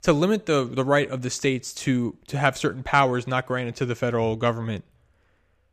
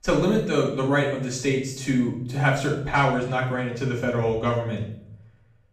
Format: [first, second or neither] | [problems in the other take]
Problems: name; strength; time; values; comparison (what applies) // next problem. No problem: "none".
first | off-mic speech; far // room echo; noticeable; dies away in 0.7 s